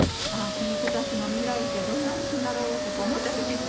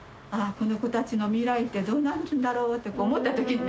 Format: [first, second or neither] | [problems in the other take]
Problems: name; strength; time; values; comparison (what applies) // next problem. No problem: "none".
second | background sound (Squeak); 2 dB above the speech